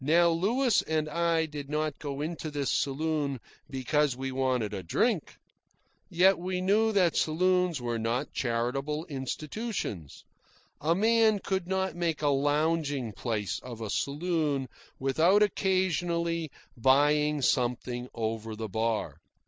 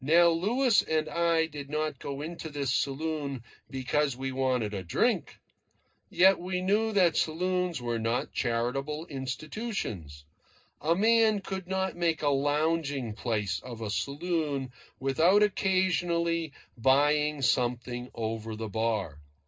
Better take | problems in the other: first | room echo; dies away in 0.2 s

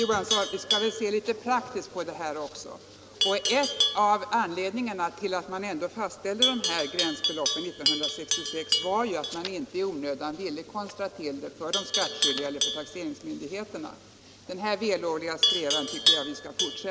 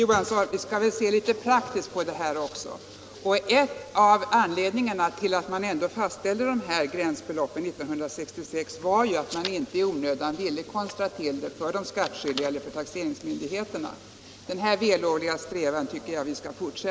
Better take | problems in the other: second | background sound (Livestock, farm animals, working animals); 1 dB below the speech

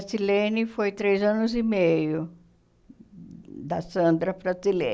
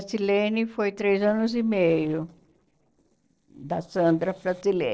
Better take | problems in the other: first | noise reduction (neural separator model SepFormer DNS4)

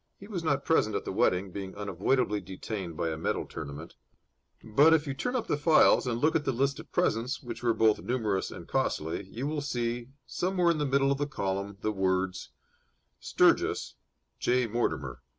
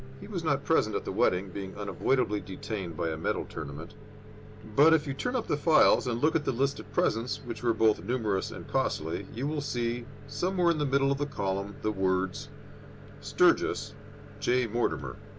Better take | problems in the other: first | background sound (Microwave oven); 15 dB below the speech

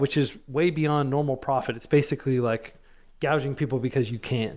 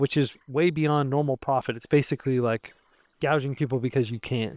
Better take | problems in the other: first | noise reduction (neural separator model SepFormer WHAM!)

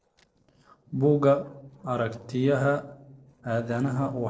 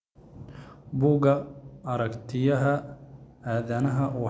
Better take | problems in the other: second | noise reduction (neural separator model SepFormer DNS4)

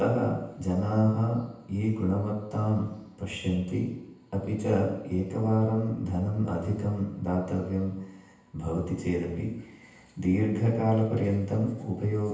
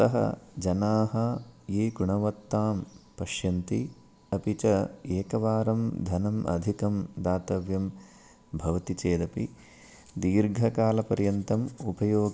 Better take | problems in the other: second | room echo; dies away in 0.9 s

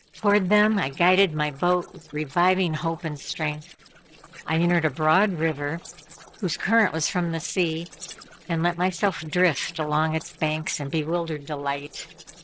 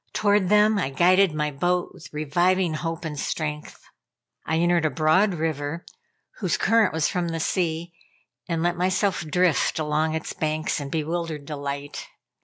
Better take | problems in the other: second | noise reduction (neural separator model SepFormer DNS4)

